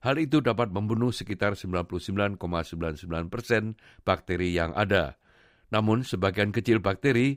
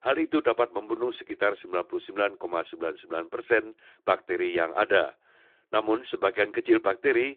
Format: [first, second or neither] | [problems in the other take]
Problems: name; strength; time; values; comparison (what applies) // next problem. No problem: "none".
first | phone-call audio